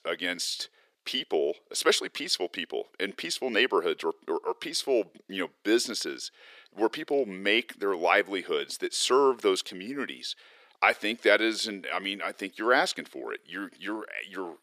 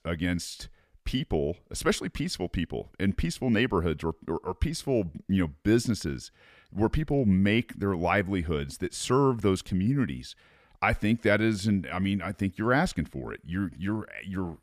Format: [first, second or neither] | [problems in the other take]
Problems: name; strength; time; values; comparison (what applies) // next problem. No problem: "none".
second | thin; very; fading below 350 Hz